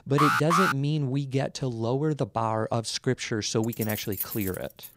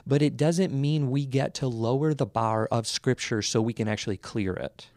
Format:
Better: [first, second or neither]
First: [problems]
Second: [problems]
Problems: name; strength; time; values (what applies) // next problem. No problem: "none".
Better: second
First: alarm; loud; at the start; peak 5 dB above the speech // jangling keys; noticeable; from 3.5 s on; peak 4 dB below the speech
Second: none